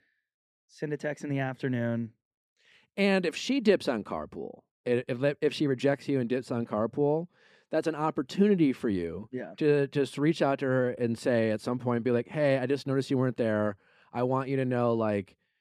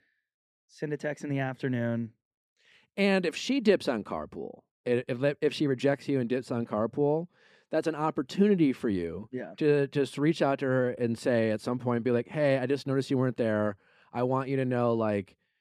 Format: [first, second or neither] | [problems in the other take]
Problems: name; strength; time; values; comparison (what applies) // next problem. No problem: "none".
neither | none